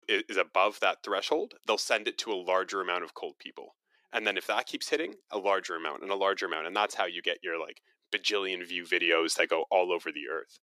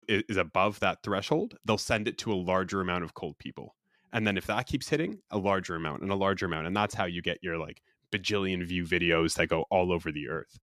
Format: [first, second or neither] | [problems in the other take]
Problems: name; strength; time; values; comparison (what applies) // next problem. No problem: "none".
second | thin; very; fading below 350 Hz